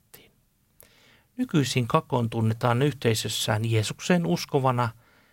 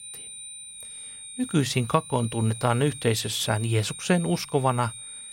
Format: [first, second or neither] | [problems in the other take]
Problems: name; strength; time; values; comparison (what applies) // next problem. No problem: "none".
first | high-pitched whine; noticeable; throughout; 9 kHz, 10 dB below the speech